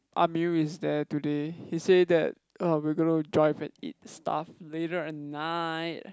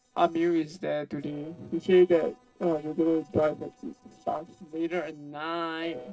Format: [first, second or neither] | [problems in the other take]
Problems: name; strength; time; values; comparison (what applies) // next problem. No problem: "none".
first | noise reduction (neural separator model SepFormer DNS4)